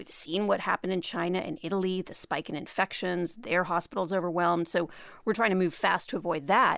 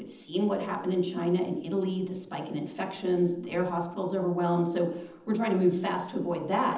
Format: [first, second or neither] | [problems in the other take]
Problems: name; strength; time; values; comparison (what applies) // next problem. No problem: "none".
first | room echo; dies away in 0.8 s